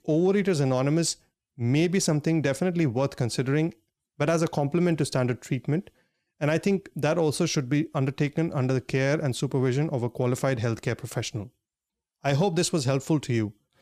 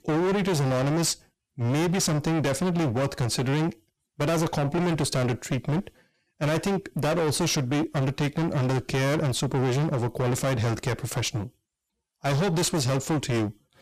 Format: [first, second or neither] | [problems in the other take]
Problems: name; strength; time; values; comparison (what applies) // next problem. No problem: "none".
first | distortion; heavy; 30% of the sound clipped